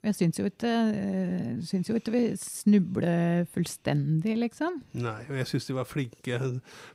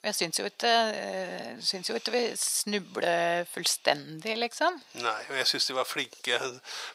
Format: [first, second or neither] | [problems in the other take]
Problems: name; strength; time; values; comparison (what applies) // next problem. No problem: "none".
first | thin; very; fading below 700 Hz